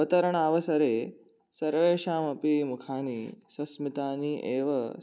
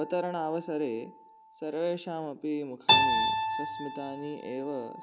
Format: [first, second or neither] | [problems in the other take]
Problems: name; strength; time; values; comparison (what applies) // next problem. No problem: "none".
first | background sound (Keyboard (musical)); 3 dB above the speech